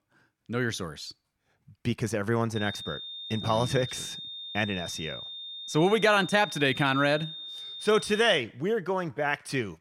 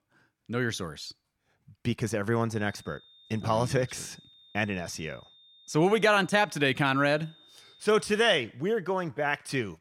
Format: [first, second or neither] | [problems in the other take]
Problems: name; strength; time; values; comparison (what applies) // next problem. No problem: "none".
second | high-pitched whine; loud; from 2.5 to 8 s; 3.5 kHz, 10 dB below the speech; faint in the second